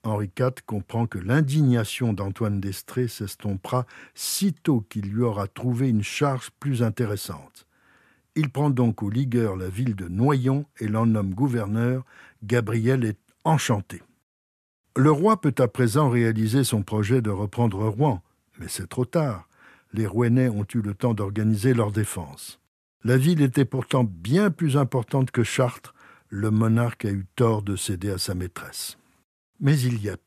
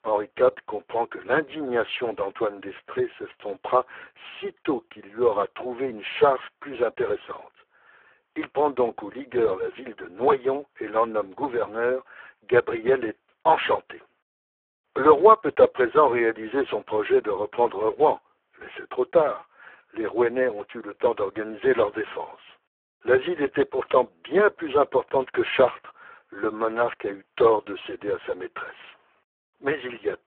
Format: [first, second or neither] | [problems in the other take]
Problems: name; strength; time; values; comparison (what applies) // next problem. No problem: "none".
first | phone-call audio; poor line